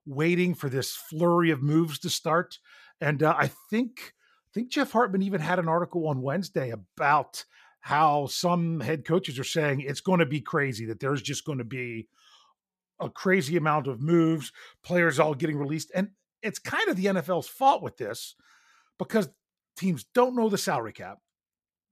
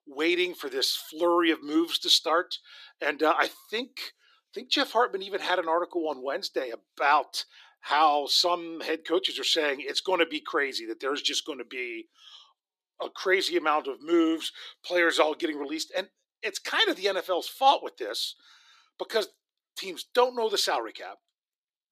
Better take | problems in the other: first | thin; very; fading below 300 Hz

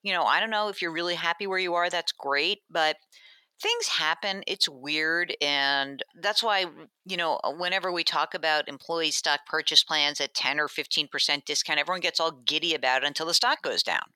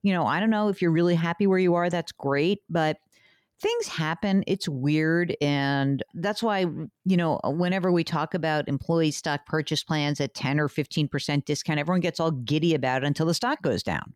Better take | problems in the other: second | thin; very; fading below 750 Hz

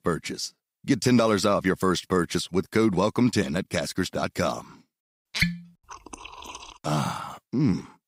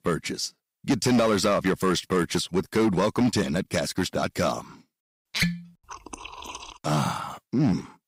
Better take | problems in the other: first | distortion; slight; 5% of the sound clipped

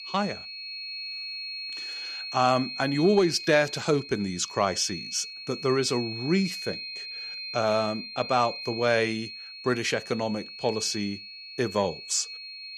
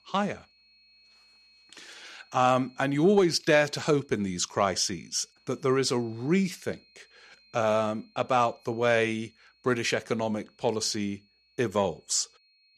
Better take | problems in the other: second | high-pitched whine; loud; throughout; 4.5 kHz, 9 dB below the speech; faint in the second

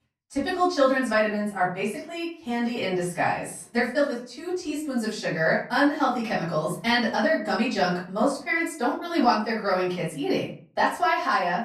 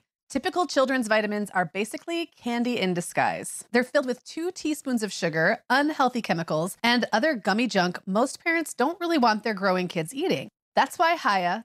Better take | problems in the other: second | off-mic speech; far // room echo; slight; dies away in 0.4 s

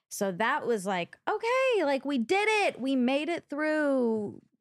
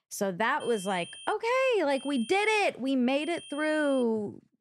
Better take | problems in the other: first | high-pitched whine; noticeable; at 0.5 s, at 2 s and at 3 s; 3 kHz, 15 dB below the speech

